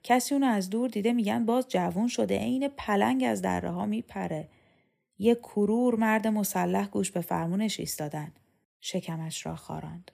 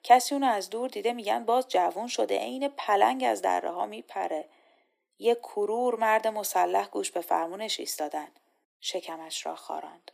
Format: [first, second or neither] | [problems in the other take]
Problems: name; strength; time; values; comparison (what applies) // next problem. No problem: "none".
first | thin; very; fading below 300 Hz